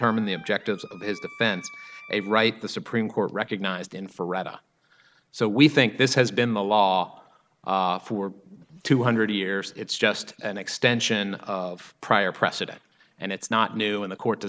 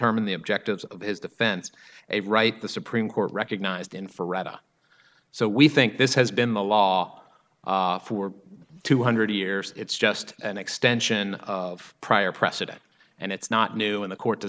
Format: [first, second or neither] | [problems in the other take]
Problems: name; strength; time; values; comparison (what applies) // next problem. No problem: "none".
second | background sound (Wind instrument, woodwind instrument); 20 dB below the speech